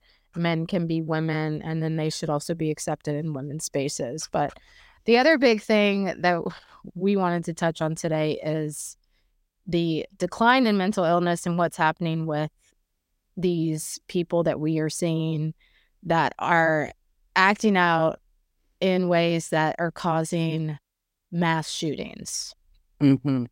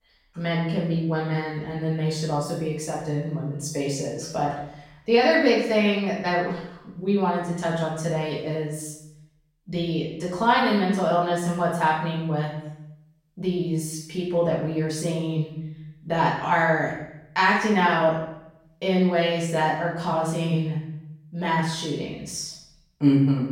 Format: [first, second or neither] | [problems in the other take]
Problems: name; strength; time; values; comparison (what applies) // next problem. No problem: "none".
first | off-mic speech; far // room echo; noticeable; dies away in 0.7 s